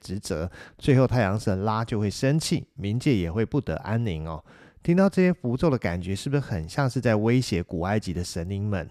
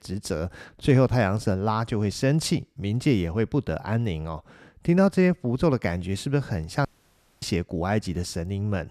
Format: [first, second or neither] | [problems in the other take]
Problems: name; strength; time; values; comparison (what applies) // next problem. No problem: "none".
first | audio cutting out; at 7 s for 0.5 s